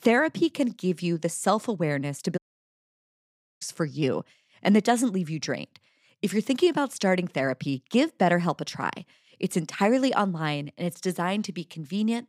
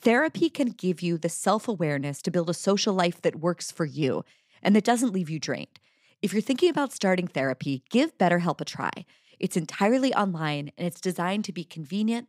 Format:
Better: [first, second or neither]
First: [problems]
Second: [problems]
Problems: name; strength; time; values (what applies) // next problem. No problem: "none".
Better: second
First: audio cutting out; at 2.5 s for 1 s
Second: none